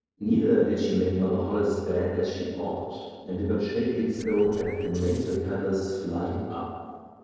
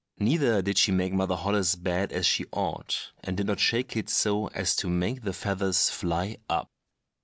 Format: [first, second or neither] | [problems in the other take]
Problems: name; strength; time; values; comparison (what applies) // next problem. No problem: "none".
second | noise reduction (neural separator model SepFormer DNS4)